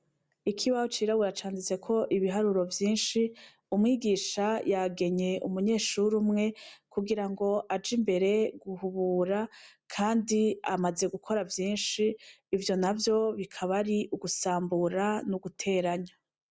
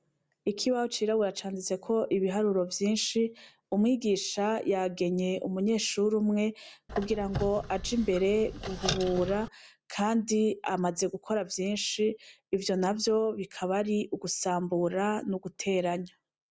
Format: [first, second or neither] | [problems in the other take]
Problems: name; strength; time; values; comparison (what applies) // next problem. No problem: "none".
first | background sound (Squeak); 8 dB below the speech